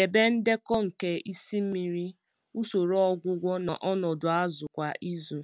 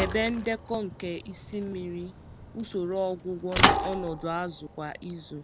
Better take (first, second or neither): first